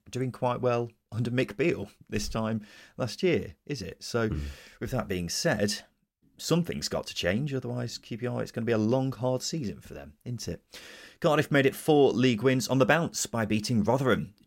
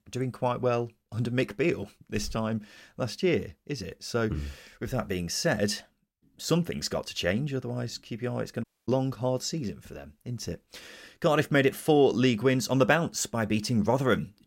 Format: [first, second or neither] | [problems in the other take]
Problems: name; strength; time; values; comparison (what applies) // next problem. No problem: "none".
first | audio cutting out; at 8.5 s